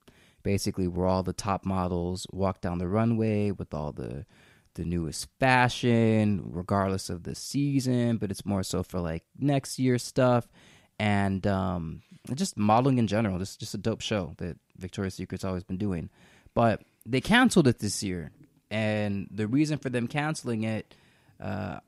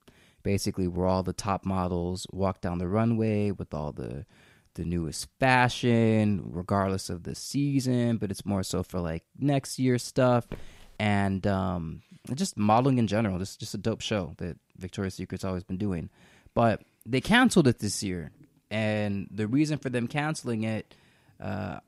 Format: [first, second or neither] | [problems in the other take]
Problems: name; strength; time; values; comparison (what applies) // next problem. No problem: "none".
first | footsteps; faint; at 11 s; peak 15 dB below the speech